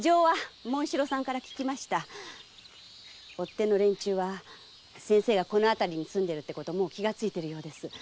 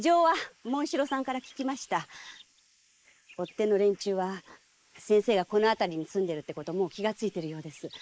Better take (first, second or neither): first